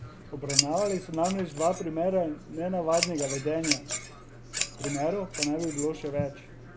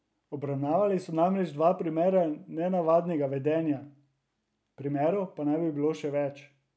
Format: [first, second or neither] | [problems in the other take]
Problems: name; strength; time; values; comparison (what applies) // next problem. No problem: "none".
second | background sound (Scissors); 5 dB below the speech